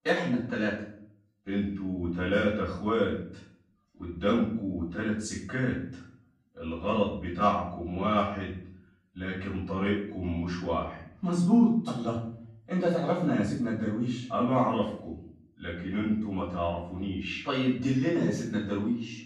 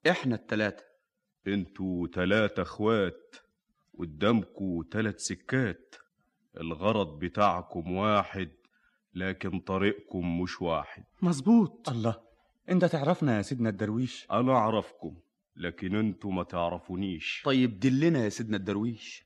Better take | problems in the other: second | off-mic speech; far // room echo; noticeable; dies away in 0.5 s

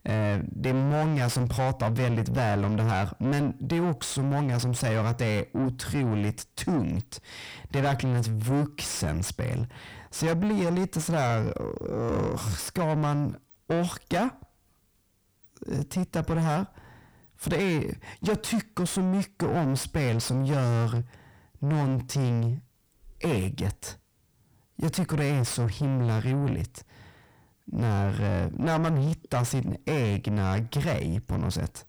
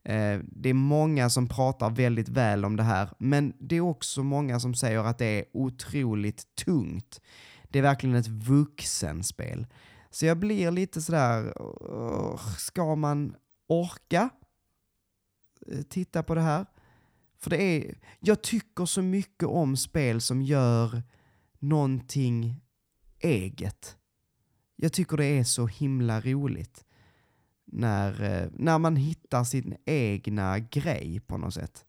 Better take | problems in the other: second | distortion; heavy; 6 dB below the speech

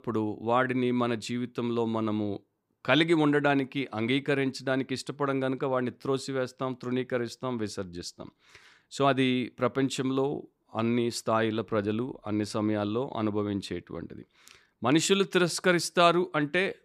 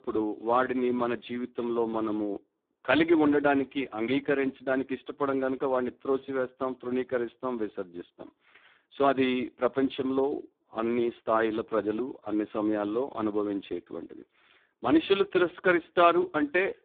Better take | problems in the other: first | phone-call audio; poor line; nothing above 3.5 kHz

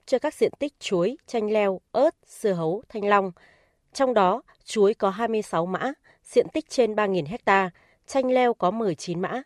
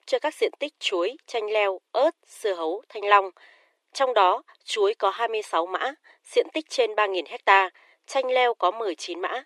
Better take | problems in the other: first | thin; very; fading below 300 Hz

